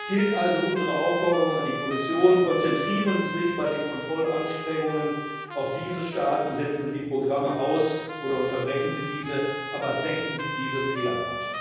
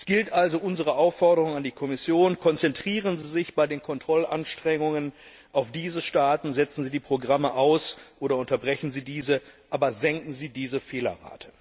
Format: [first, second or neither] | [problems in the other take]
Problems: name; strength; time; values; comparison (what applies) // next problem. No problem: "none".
second | background sound (Trumpet); 8 dB below the speech // room echo; dies away in 1.3 s